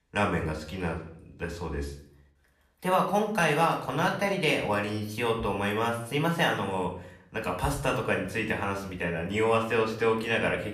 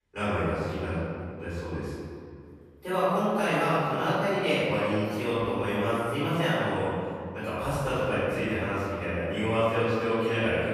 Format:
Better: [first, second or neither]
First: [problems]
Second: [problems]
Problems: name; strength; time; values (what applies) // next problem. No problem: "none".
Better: first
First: room echo; slight; dies away in 0.5 s // off-mic speech; somewhat distant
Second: room echo; strong; dies away in 2.2 s // off-mic speech; far